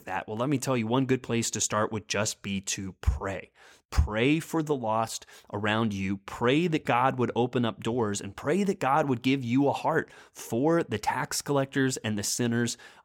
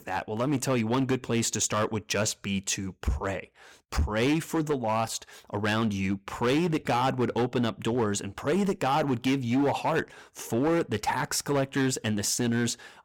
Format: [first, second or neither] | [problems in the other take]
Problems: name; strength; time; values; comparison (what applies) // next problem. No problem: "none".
first | distortion; slight; 9% of the sound clipped